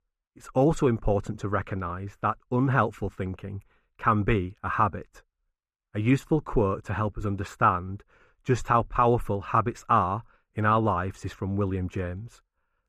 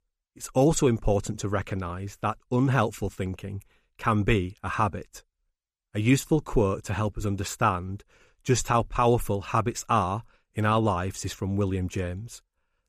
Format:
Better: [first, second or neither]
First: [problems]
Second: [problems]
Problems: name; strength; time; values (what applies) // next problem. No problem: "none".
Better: second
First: muffled; slightly; fading above 3 kHz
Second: none